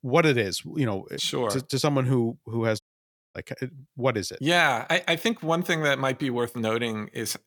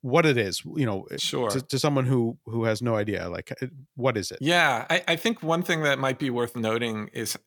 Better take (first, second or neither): second